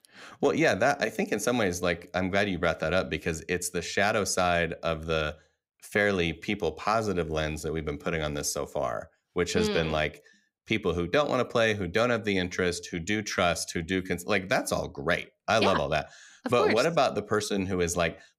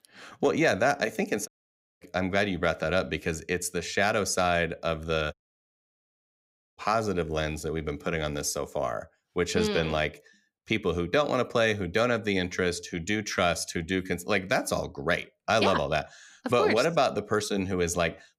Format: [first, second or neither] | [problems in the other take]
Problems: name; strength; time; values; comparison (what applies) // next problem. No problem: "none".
first | audio cutting out; at 1.5 s for 0.5 s and at 5.5 s for 1.5 s